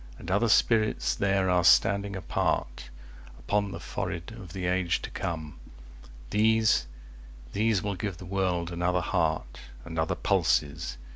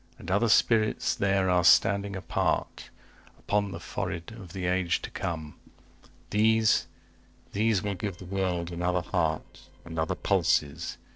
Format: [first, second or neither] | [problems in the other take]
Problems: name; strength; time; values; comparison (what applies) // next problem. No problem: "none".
first | noise reduction (neural separator model SepFormer DNS4)